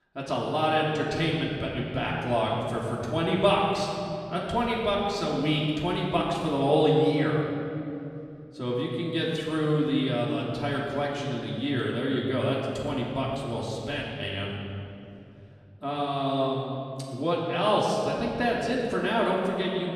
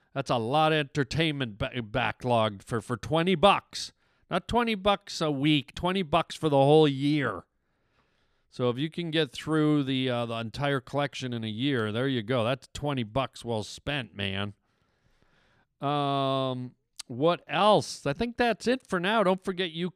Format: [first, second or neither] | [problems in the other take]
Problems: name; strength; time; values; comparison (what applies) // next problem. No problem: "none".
second | off-mic speech; far // room echo; noticeable; dies away in 2.5 s